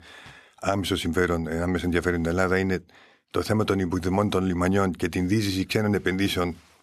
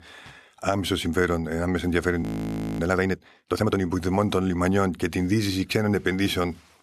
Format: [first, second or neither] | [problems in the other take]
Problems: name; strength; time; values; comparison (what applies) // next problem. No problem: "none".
first | audio freezing; at 2 s for 0.5 s